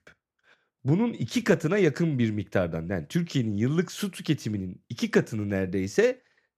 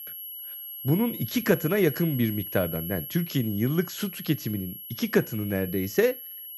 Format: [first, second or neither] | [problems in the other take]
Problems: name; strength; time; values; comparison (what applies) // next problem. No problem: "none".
first | high-pitched whine; loud; throughout; 11.5 kHz, 9 dB below the speech